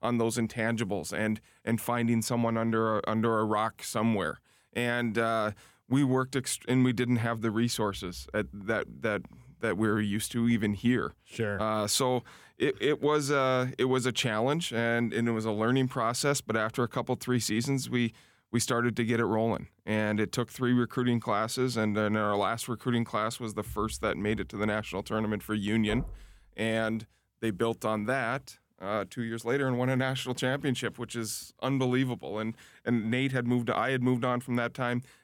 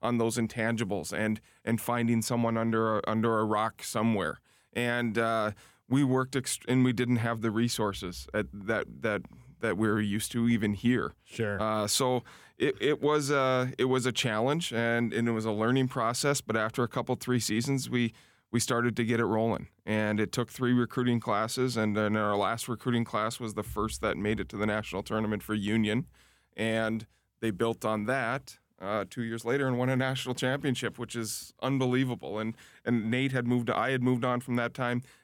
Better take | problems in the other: second | door banging; faint; at 26 s; peak 15 dB below the speech

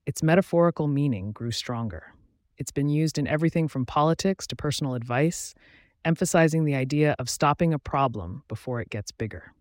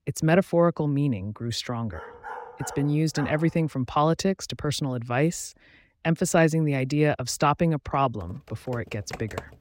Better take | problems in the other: first | dog barking; faint; from 2 to 3.5 s; peak 15 dB below the speech // keyboard typing; faint; from 8 s on; peak 10 dB below the speech

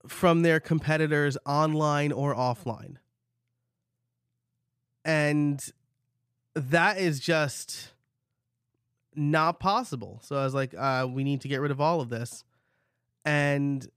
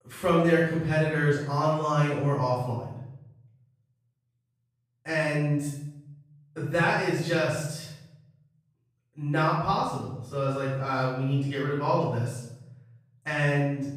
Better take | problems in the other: first | off-mic speech; far // room echo; noticeable; dies away in 0.8 s

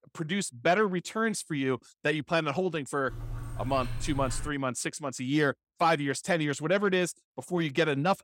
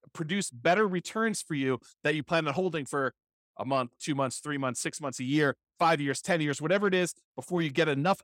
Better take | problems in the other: second | dog barking; noticeable; from 3 to 4.5 s; peak 9 dB below the speech

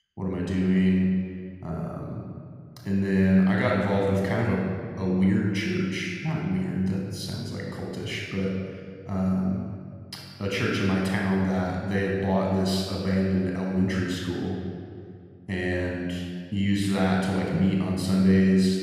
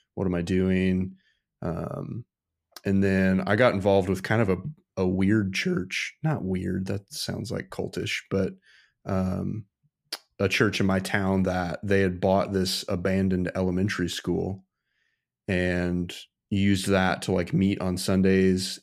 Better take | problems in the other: second | off-mic speech; somewhat distant // room echo; noticeable; dies away in 1.8 s

